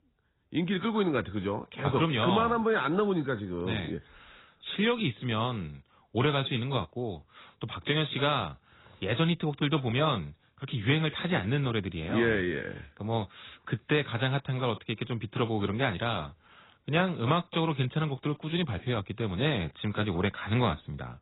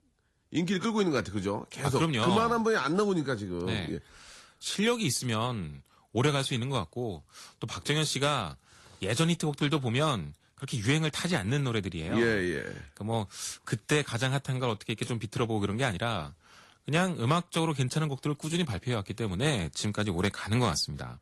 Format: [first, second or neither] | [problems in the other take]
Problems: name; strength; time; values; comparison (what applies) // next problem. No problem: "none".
second | garbled, watery; badly; nothing above 4 kHz; slightly in the second